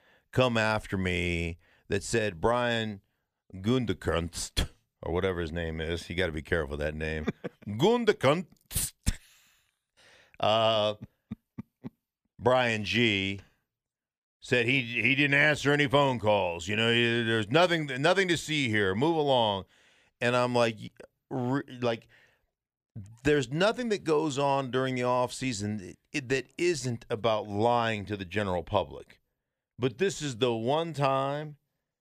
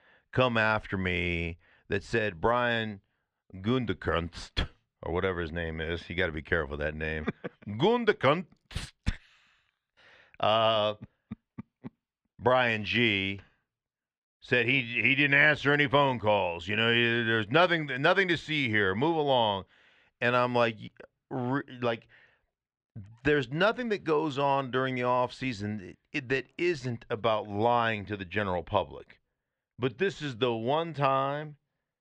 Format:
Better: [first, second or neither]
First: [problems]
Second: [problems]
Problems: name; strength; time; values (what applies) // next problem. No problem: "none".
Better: first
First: none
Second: muffled; slightly; fading above 3 kHz